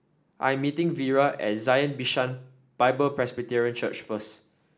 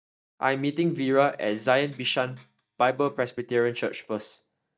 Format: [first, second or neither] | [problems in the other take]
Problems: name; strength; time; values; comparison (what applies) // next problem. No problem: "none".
first | noise reduction (neural mask model DeepFilterNet 3)